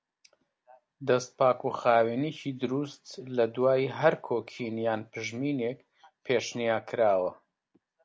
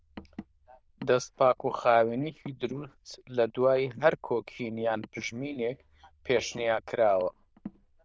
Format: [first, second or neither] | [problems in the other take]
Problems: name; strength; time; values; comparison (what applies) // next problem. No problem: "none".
first | noise reduction (neural diffusion model UNIVERSE++)